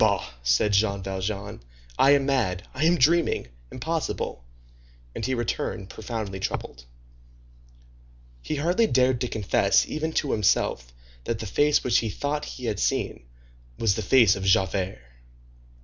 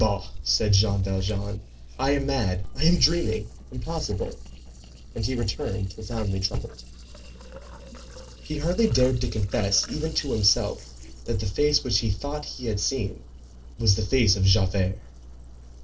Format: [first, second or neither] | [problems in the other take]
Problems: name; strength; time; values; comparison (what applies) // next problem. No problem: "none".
first | noise reduction (neural separator model SepFormer DNS4)